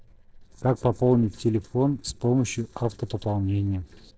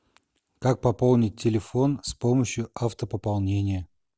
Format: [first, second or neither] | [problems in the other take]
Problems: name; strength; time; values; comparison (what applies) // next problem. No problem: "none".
second | noise reduction (neural separator model SepFormer DNS4)